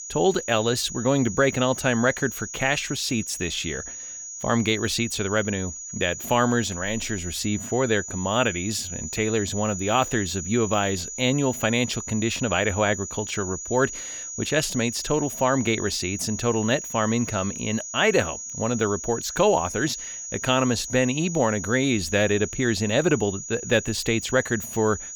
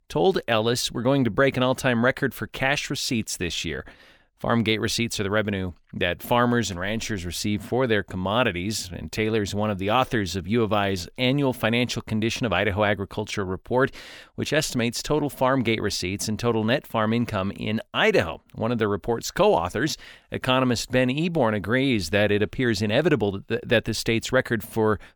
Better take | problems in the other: second | high-pitched whine; loud; throughout; 6.5 kHz, 8 dB below the speech

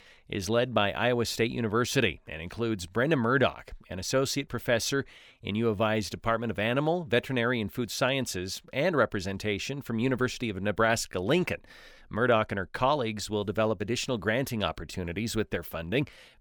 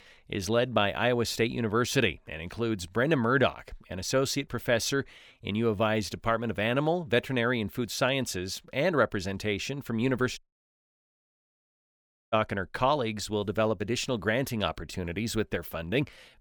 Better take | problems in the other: first | audio cutting out; at 10 s for 2 s

